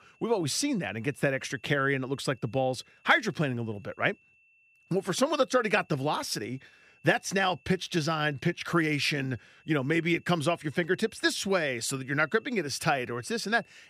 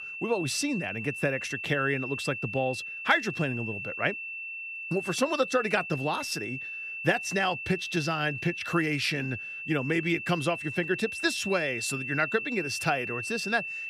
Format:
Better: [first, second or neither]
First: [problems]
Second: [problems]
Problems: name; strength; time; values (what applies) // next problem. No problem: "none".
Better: first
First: high-pitched whine; faint; throughout; 2.5 kHz, 30 dB below the speech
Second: high-pitched whine; loud; throughout; 2.5 kHz, 5 dB below the speech